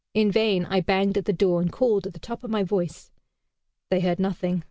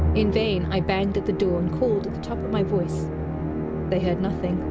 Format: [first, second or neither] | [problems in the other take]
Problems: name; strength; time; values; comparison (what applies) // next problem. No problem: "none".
first | background sound (Musical instrument); 1 dB below the speech